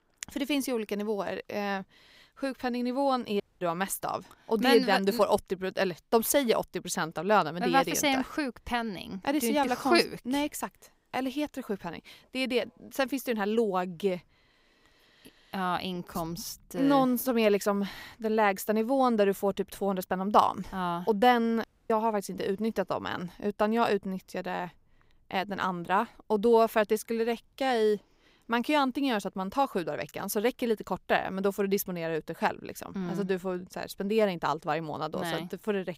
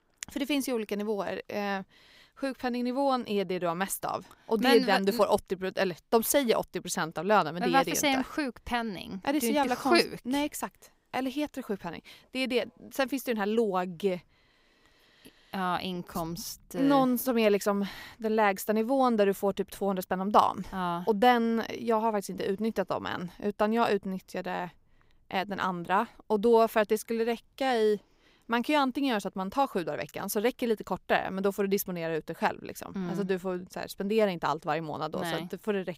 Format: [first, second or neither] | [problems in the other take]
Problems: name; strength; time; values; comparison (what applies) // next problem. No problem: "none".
second | audio cutting out; at 3.5 s and at 22 s